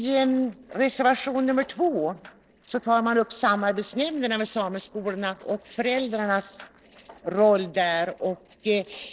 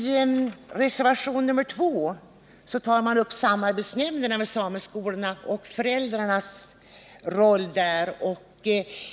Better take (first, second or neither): second